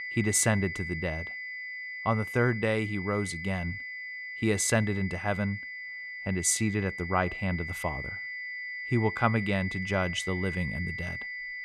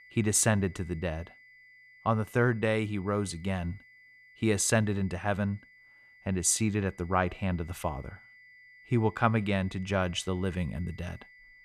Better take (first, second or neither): second